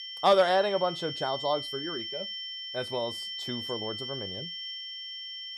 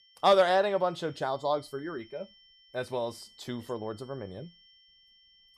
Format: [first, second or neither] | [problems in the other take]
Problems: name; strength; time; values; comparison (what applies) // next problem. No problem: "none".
second | high-pitched whine; loud; throughout; 3 kHz, 6 dB below the speech; faint in the second